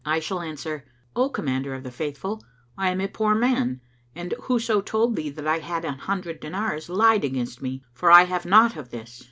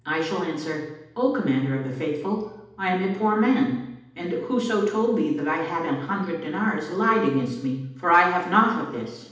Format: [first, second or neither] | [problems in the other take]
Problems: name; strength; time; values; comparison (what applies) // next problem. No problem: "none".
first | room echo; dies away in 0.8 s